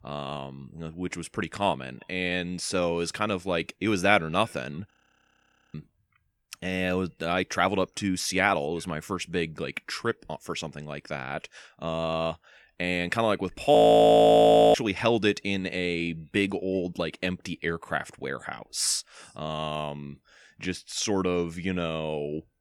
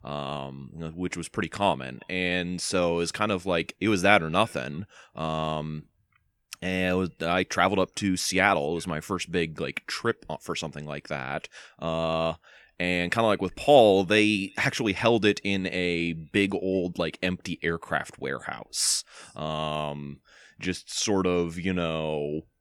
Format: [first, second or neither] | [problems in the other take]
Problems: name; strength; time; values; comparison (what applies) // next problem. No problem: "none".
second | audio freezing; at 5 s for 1 s and at 14 s for 1 s